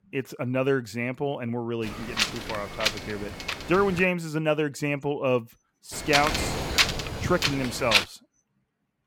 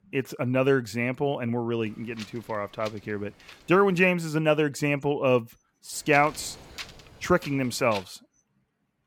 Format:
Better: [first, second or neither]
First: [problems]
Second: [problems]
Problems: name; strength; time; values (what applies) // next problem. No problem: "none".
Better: second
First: wind noise on the microphone; heavy; from 2 to 4 s and from 6 to 8 s; 2 dB above the speech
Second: wind noise on the microphone; occasional gusts; from 2 to 4 s and from 6 to 8 s; 20 dB below the speech